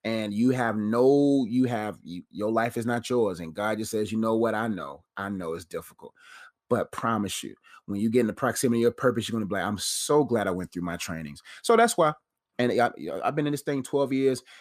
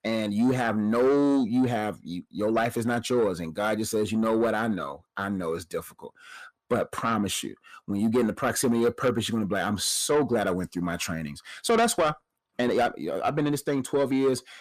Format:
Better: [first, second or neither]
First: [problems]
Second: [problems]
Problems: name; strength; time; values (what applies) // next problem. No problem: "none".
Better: first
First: none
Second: distortion; slight; 10 dB below the speech